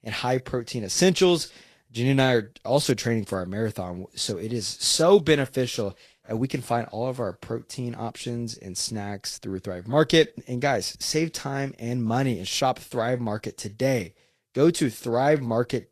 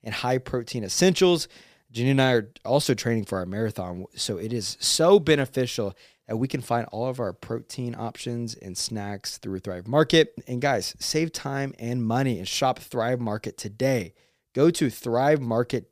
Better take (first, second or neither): second